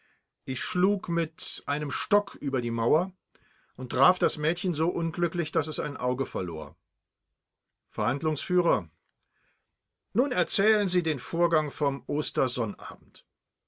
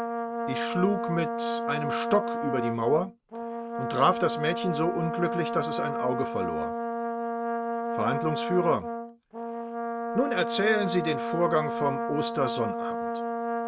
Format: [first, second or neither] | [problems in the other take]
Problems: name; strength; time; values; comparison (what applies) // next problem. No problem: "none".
first | background sound (Brass instrument); 1 dB below the speech